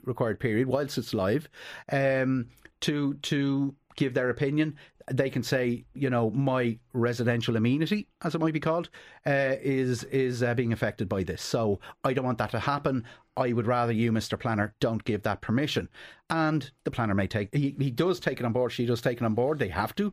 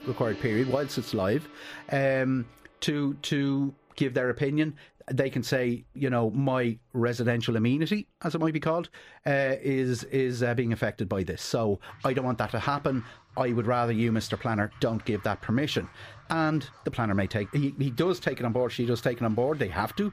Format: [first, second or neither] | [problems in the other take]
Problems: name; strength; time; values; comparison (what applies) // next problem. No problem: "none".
first | background music; faint; throughout; 20 dB below the speech